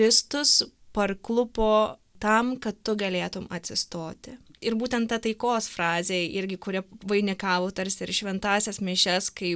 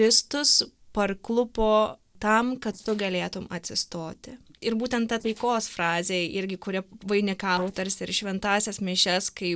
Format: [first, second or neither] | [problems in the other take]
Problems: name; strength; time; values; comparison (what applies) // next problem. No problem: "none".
first | noise reduction (neural separator model SepFormer DNS4)